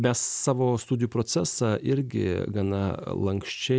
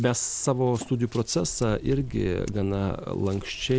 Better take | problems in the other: first | background sound (Scissors); 15 dB below the speech

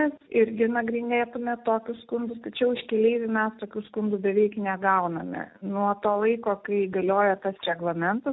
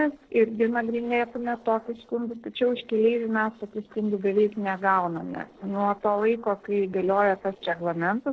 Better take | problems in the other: first | noise reduction (neural separator model SepFormer DNS4)

